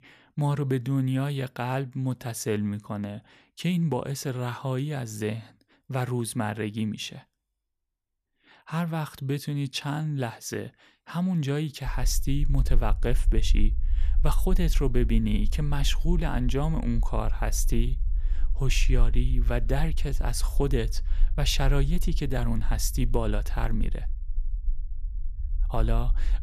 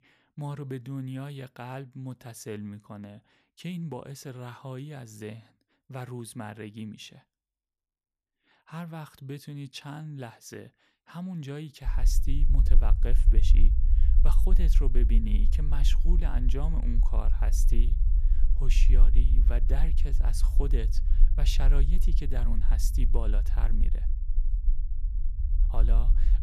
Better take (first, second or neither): first